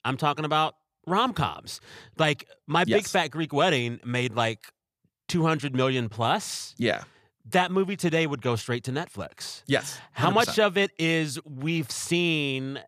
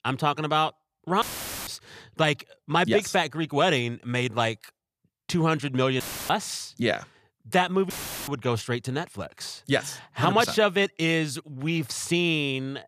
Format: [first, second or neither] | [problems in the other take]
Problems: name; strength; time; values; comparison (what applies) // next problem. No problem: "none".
first | audio cutting out; filled with static; at 1 s, at 6 s and at 8 s